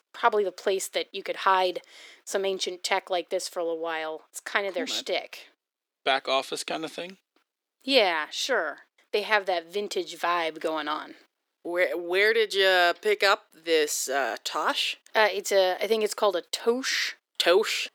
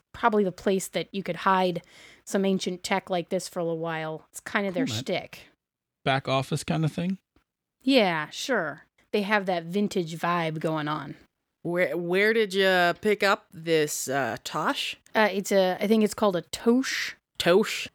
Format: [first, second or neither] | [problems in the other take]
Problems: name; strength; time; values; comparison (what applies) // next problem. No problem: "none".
second | thin; somewhat; fading below 350 Hz